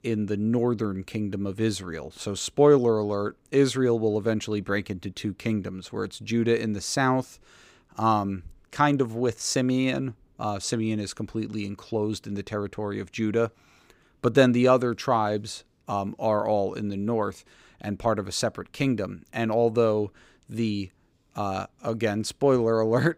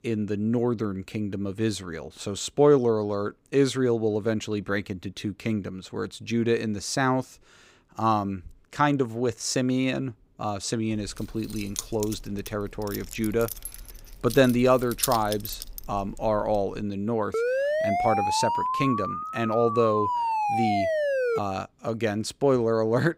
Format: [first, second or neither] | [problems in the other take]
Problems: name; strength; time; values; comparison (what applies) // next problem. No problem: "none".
first | jangling keys; noticeable; from 11 to 17 s; peak 1 dB below the speech // siren; loud; from 17 to 21 s; peak 2 dB above the speech